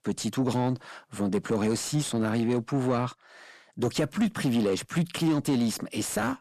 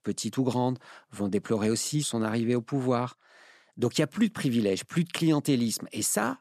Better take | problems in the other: second | distortion; slight; 10 dB below the speech

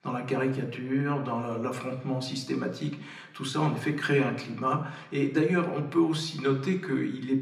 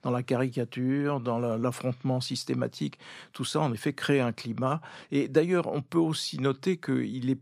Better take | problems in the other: second | room echo; slight; dies away in 0.9 s // off-mic speech; somewhat distant

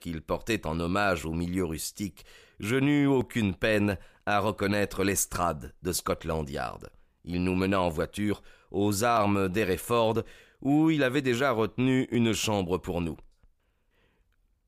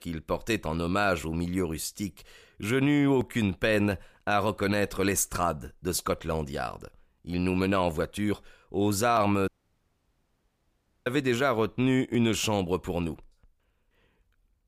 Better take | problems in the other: first | audio cutting out; at 9.5 s for 1.5 s

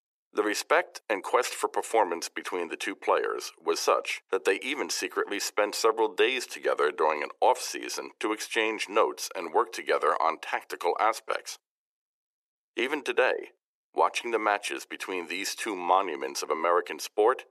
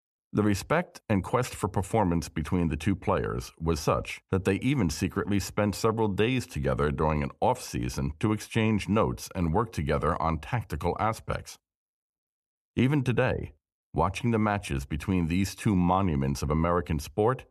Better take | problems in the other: second | thin; very; fading below 350 Hz

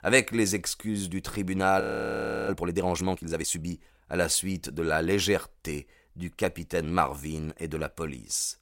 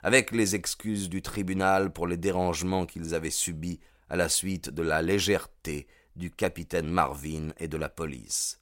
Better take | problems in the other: second | audio freezing; at 2 s for 0.5 s

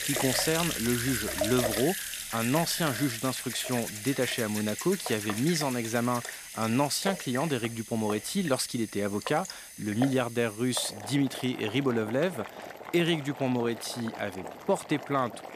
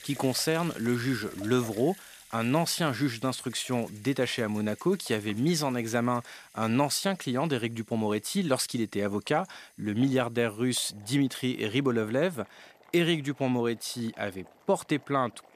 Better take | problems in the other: second | household noises; loud; throughout; 6 dB below the speech; faint in the second

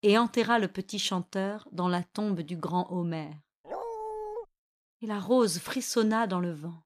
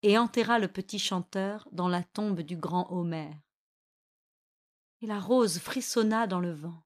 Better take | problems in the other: second | dog barking; noticeable; at 3.5 s; peak 7 dB below the speech

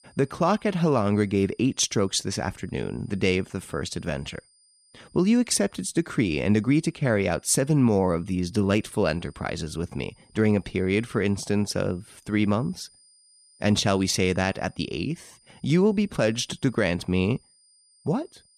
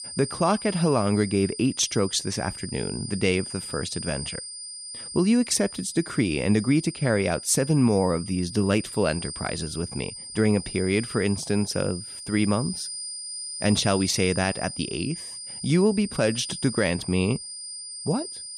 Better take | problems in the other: first | high-pitched whine; loud; throughout; 5 kHz, 9 dB below the speech; faint in the first

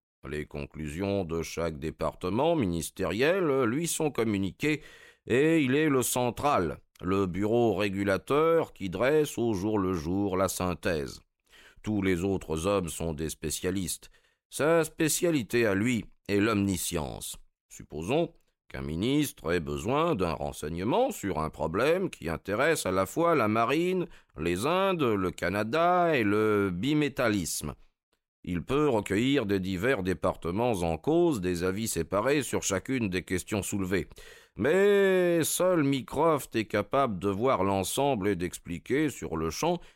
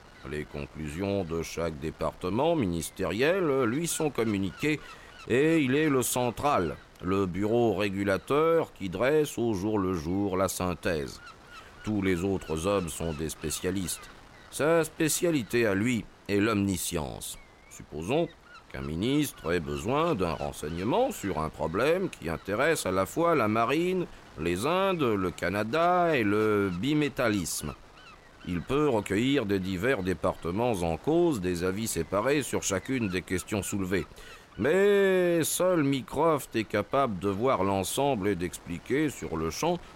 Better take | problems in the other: first | wind noise on the microphone; occasional gusts; 20 dB below the speech

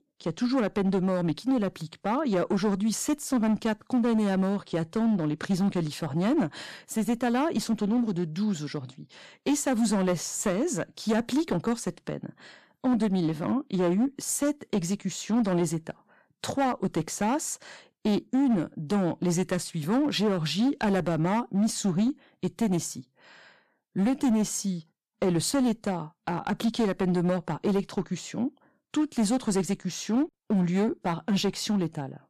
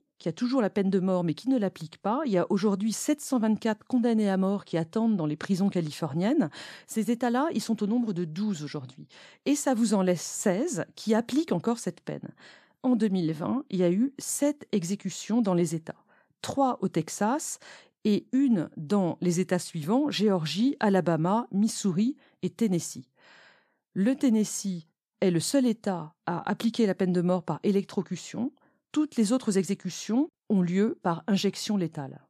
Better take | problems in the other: second | distortion; slight; 9% of the sound clipped

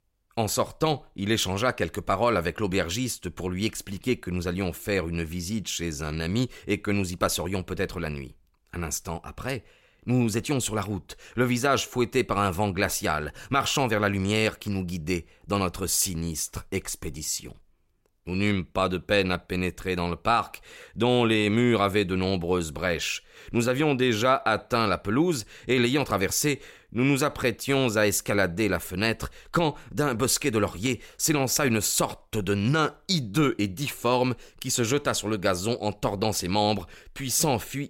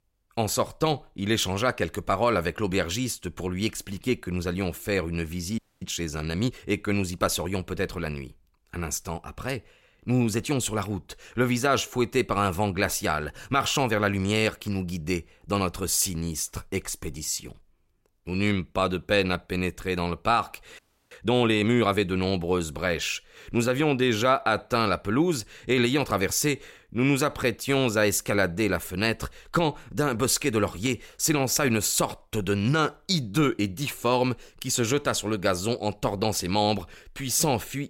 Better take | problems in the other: first | audio freezing; at 5.5 s and at 21 s

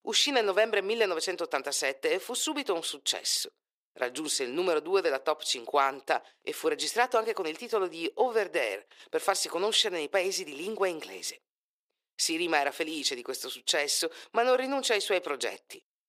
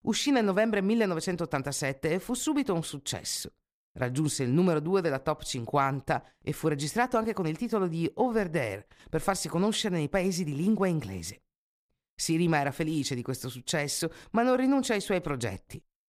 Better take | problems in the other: second | thin; very; fading below 400 Hz

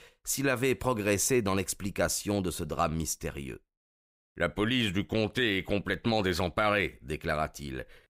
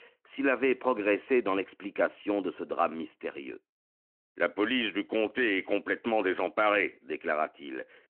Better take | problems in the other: first | phone-call audio

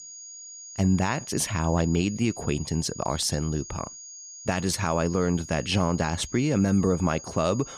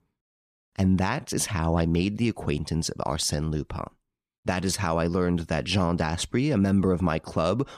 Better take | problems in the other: second | high-pitched whine; noticeable; throughout; 6.5 kHz, 15 dB below the speech

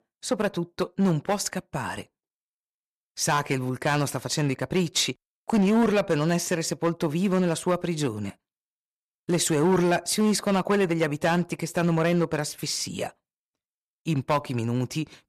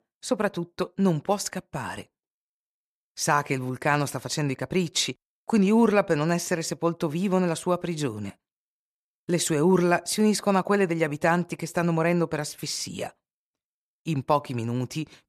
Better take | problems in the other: second | distortion; slight; 5% of the sound clipped

